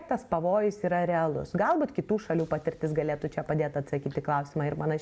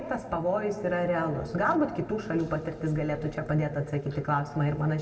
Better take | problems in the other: first | background sound (Bowed string instrument); 18 dB below the speech // room echo; dies away in 1.2 s

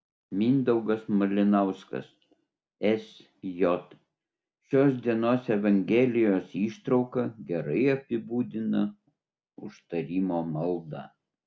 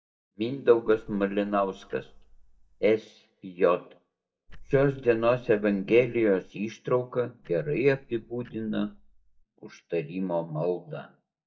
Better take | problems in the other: first | noise reduction (neural mask model DeepFilterNet 3)

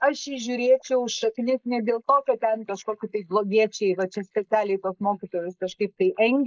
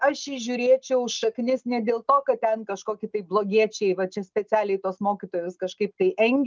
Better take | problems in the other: second | noise reduction (neural mask model Resemble Enhance denoiser)

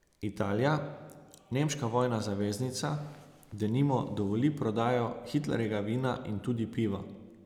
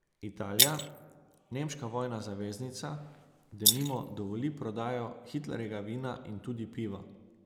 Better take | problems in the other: first | noise reduction (neural mask model Resemble Enhance denoiser)

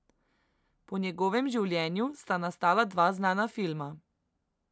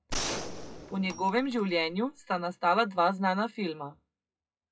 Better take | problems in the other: first | noise reduction (classical method WPE with log-MMSE)

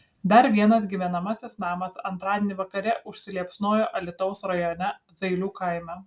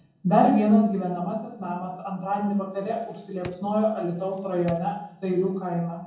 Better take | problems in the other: first | background sound (Drawer open or close); 20 dB below the speech // room echo; dies away in 0.7 s

